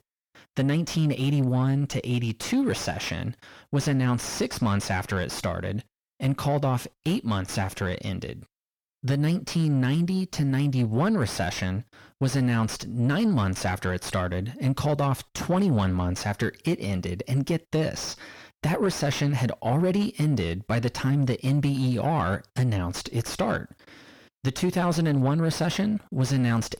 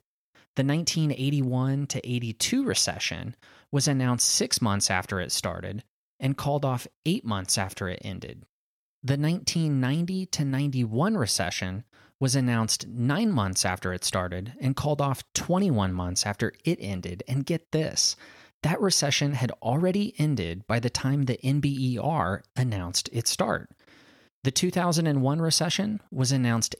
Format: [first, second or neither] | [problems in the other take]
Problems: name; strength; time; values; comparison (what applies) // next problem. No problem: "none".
second | distortion; heavy; 7 dB below the speech